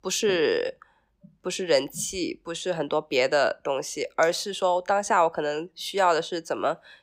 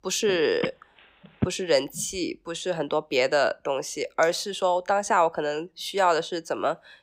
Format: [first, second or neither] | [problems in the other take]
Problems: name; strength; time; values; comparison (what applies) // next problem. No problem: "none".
first | phone ringing; noticeable; at 0.5 s; peak 6 dB below the speech